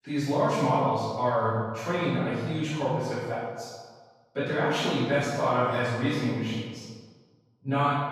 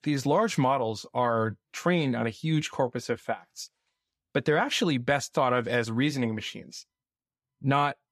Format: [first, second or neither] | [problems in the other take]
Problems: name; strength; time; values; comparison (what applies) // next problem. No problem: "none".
second | off-mic speech; far // room echo; strong; dies away in 1.4 s